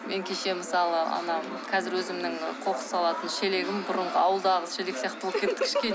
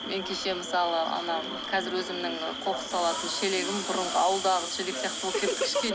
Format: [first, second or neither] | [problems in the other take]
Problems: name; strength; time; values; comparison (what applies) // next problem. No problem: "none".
first | background sound (Hiss + Cricket); 8 dB below the speech